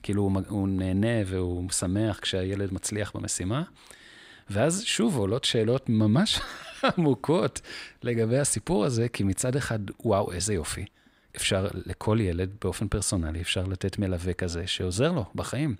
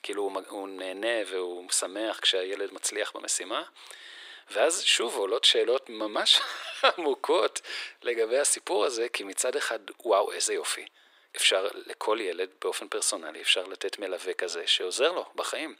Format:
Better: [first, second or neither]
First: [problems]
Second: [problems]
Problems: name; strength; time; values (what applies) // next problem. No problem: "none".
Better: first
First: none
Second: thin; very; fading below 400 Hz